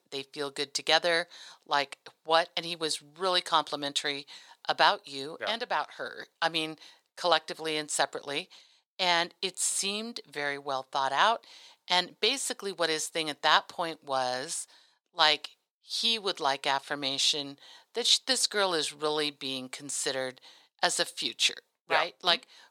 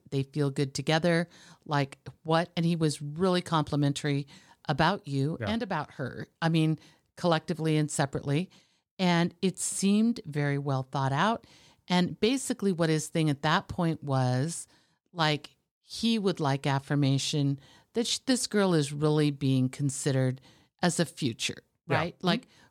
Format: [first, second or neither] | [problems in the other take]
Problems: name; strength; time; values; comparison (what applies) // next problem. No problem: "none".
second | thin; very; fading below 700 Hz